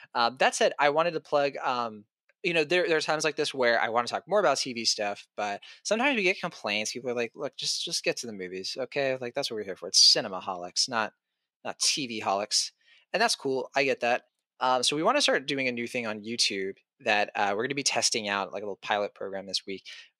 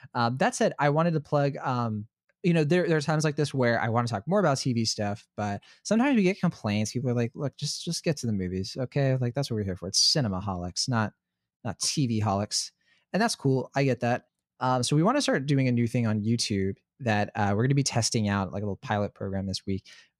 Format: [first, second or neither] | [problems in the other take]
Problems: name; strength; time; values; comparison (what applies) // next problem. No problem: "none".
second | thin; somewhat; fading below 450 Hz